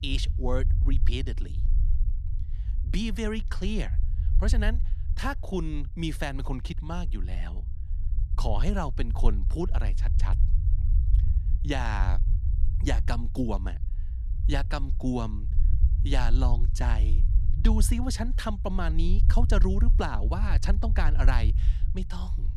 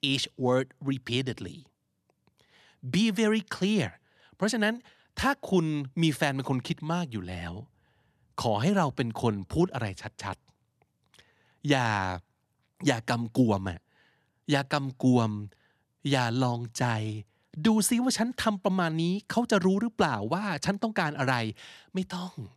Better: second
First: low rumble; noticeable; throughout; 15 dB below the speech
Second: none

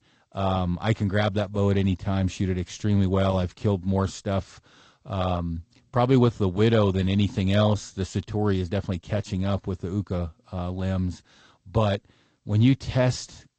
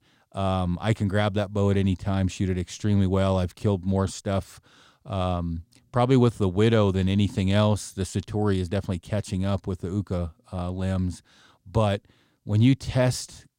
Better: second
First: garbled, watery; slightly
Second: none

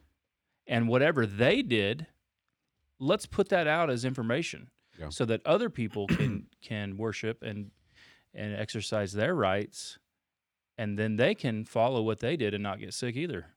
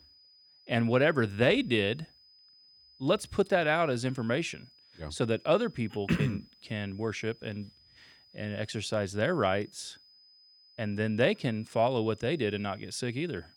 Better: first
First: none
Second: high-pitched whine; faint; throughout; 5 kHz, 30 dB below the speech

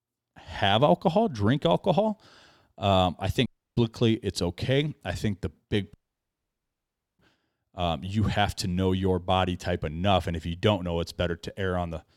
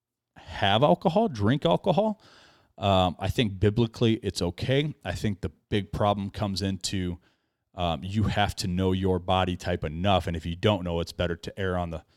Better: second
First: audio cutting out; at 3.5 s and at 6 s for 1.5 s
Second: none

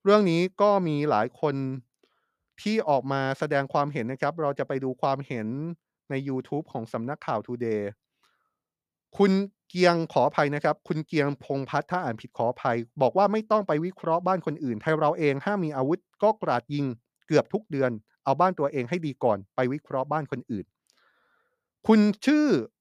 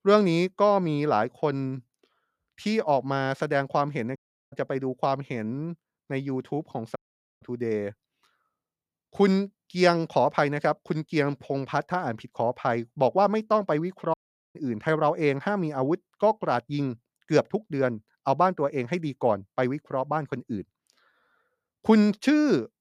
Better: first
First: none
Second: audio cutting out; at 4 s, at 7 s and at 14 s

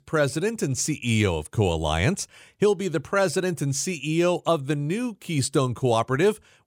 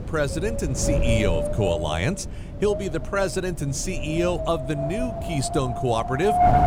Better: first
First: none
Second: wind noise on the microphone; heavy; 1 dB below the speech

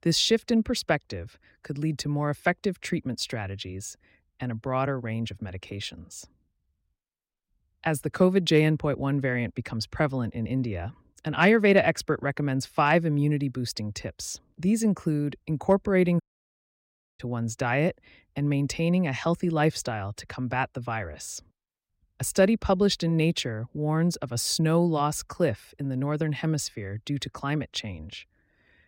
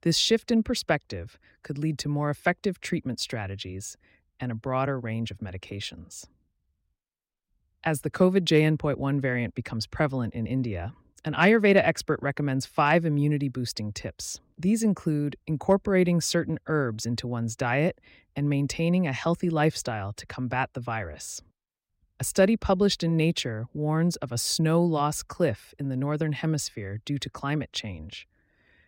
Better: second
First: audio cutting out; at 16 s for 1 s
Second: none

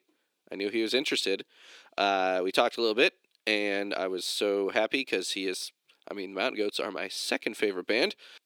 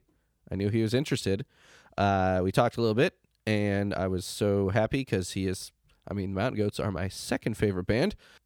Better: second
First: thin; somewhat; fading below 300 Hz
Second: none

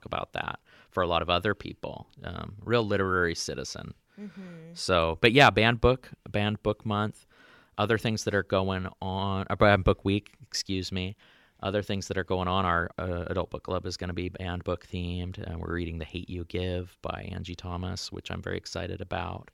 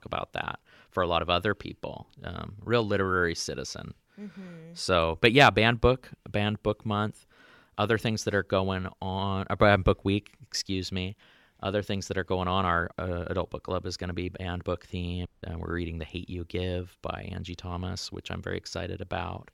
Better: first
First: none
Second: audio cutting out; at 15 s

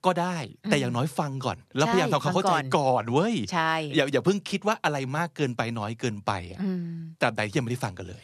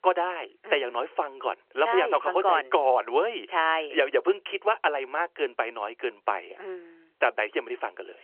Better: first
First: none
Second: phone-call audio; nothing above 3 kHz

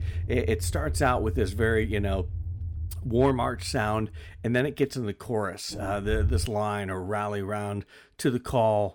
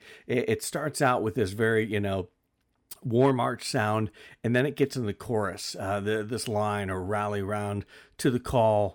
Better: second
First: low rumble; faint; until 6.5 s; 20 dB below the speech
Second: none

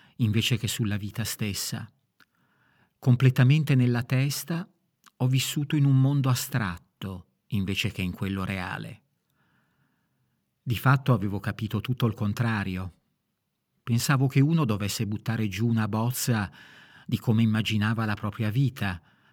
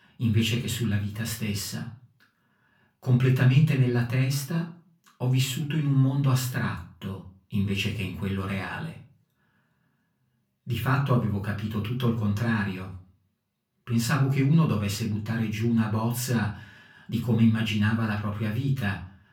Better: first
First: none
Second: off-mic speech; far // room echo; slight; dies away in 0.3 s

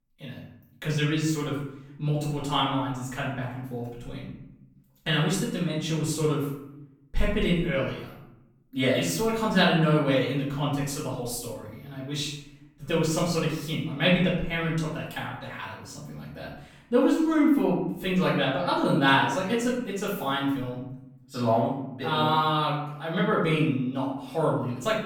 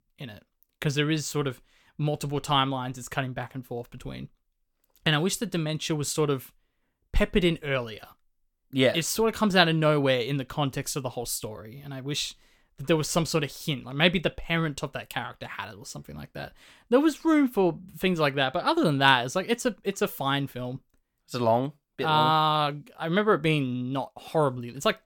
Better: second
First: off-mic speech; far // room echo; noticeable; dies away in 0.7 s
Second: none

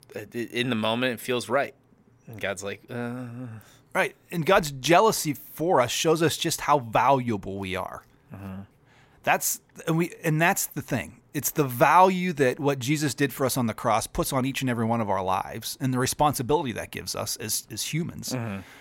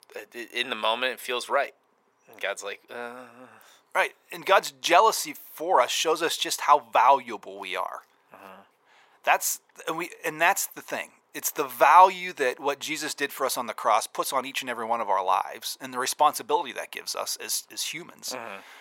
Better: first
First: none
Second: thin; very; fading below 550 Hz

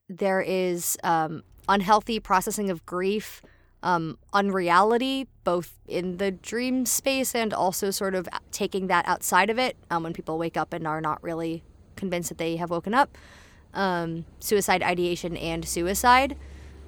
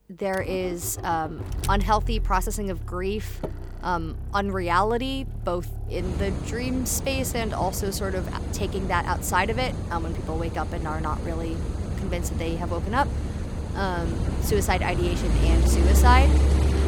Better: first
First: traffic noise; faint; throughout; 25 dB below the speech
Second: traffic noise; loud; throughout; as loud as the speech

